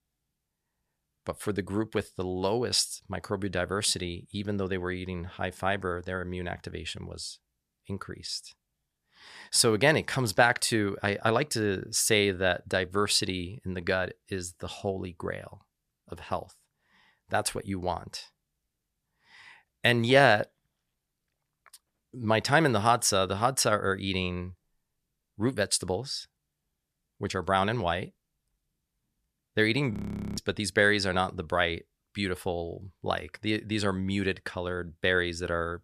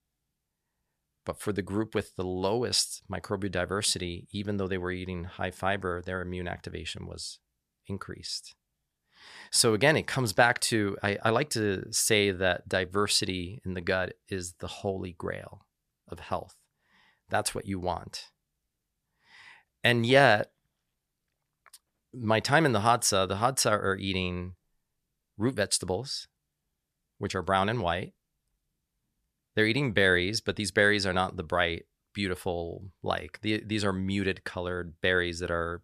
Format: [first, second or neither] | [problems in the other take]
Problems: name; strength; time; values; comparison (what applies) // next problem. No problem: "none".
second | audio freezing; at 30 s